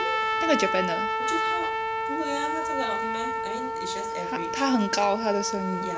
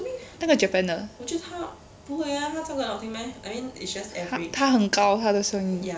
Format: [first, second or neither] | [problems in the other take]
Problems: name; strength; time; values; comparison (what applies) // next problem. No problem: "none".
second | background sound (Trumpet); 1 dB above the speech